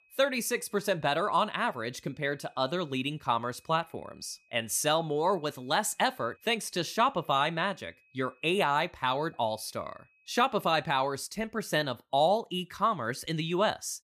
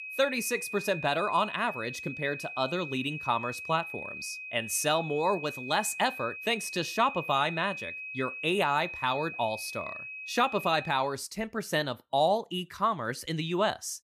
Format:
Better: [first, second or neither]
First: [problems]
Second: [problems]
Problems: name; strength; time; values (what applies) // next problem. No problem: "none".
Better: first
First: high-pitched whine; faint; until 11 s; 2.5 kHz, 35 dB below the speech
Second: high-pitched whine; loud; until 11 s; 2.5 kHz, 8 dB below the speech